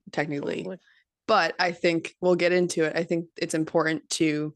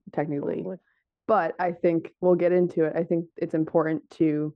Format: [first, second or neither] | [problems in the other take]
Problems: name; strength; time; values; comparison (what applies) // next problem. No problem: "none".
first | muffled; very; fading above 2.5 kHz